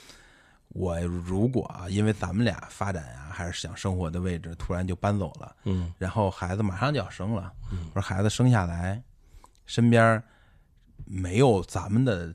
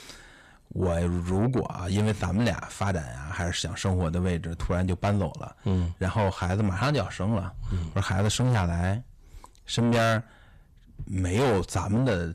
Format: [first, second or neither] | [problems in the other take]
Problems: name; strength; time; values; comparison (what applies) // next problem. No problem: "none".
first | distortion; heavy; 6 dB below the speech